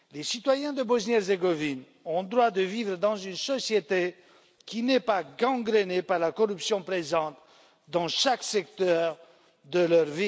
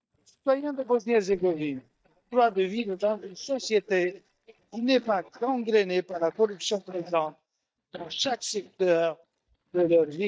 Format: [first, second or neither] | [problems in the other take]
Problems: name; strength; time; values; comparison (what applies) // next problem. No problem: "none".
first | noise reduction (neural mask model DeepFilterNet 3)